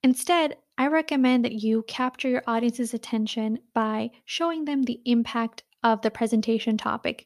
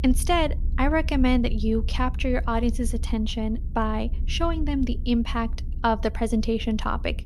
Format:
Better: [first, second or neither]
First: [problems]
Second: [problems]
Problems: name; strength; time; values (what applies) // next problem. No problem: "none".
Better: first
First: none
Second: low rumble; faint; throughout; 20 dB below the speech